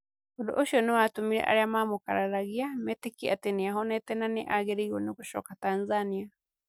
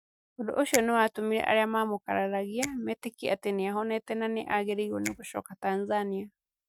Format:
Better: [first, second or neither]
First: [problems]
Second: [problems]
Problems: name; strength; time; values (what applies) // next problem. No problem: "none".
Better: first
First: none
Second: noise reduction (neural mask model RNNoise)